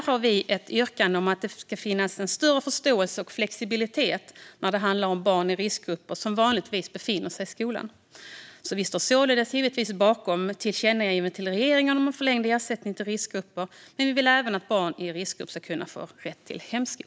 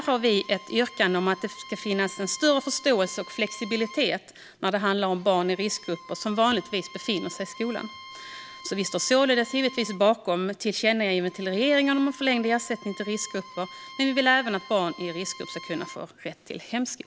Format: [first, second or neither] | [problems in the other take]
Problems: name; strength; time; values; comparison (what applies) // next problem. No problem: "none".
first | background sound (Bowed string instrument); 19 dB below the speech